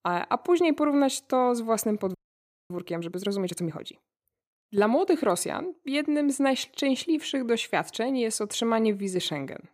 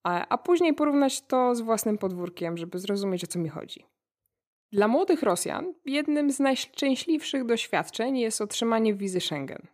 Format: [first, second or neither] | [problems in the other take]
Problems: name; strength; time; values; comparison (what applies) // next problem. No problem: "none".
second | audio freezing; at 2 s for 0.5 s